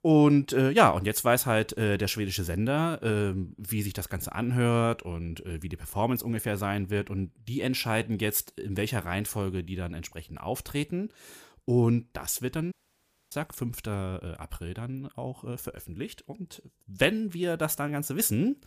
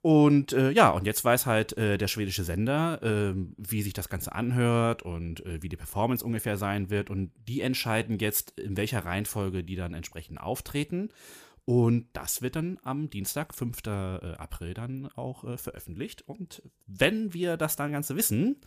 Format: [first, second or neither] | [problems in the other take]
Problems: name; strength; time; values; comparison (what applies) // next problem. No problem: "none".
second | audio cutting out; at 13 s for 0.5 s